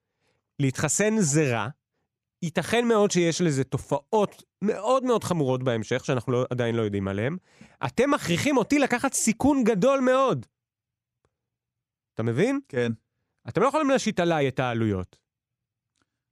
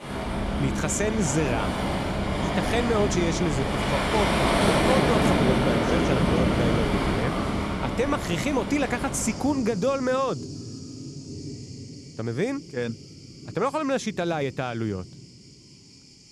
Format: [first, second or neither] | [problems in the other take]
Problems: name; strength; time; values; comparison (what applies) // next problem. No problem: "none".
first | rain or running water; very loud; throughout; 2 dB above the speech